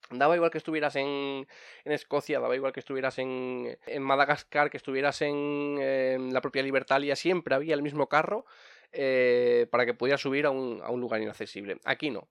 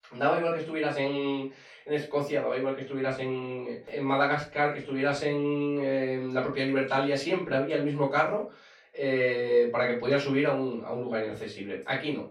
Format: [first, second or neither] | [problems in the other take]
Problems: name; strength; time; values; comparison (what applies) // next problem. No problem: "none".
first | off-mic speech; far // room echo; slight; dies away in 0.3 s